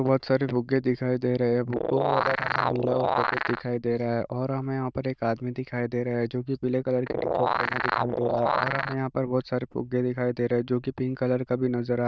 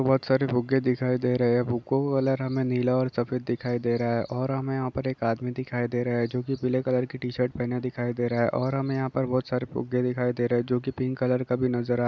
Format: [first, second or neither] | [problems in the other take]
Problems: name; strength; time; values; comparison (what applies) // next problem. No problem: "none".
second | noise reduction (neural diffusion model UNIVERSE++)